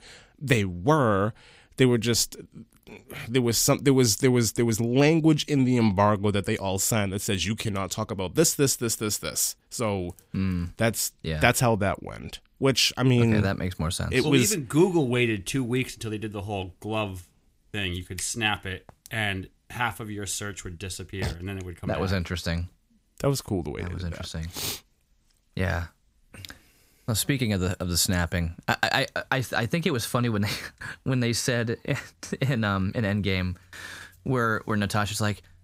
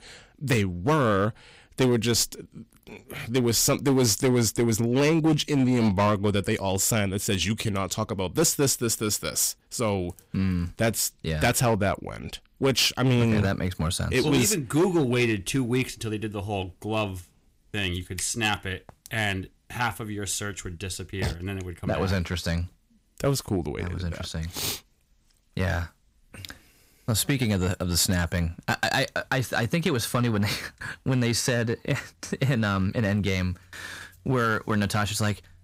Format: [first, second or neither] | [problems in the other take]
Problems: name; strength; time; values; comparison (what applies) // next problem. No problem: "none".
first | distortion; slight; 4% of the sound clipped